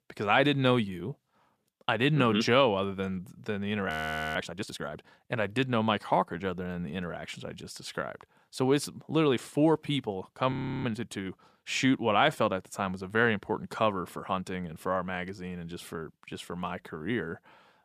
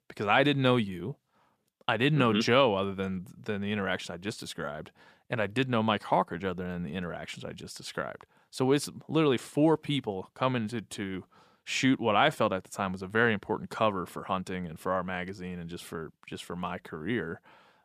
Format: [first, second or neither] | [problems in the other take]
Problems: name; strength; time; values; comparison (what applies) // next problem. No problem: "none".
second | audio freezing; at 4 s and at 11 s